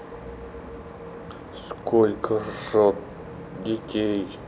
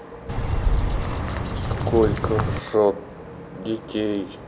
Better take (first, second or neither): first